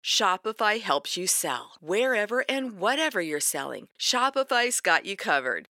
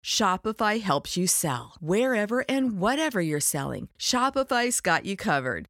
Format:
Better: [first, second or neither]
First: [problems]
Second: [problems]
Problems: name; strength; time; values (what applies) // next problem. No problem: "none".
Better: second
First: thin; somewhat; fading below 400 Hz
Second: none